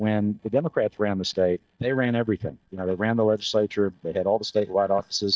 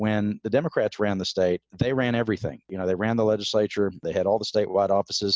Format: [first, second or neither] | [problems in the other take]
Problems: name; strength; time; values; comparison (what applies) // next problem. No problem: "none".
second | noise reduction (neural mask model DeepFilterNet 3)